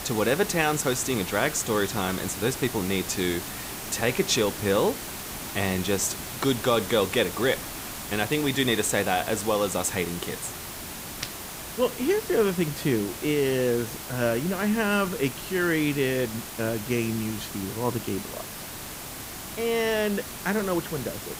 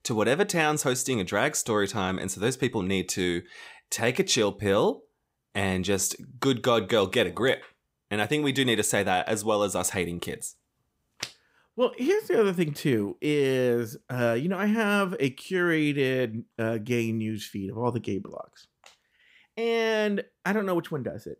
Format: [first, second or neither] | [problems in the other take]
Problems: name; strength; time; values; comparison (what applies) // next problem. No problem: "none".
second | hiss; loud; throughout; 8 dB below the speech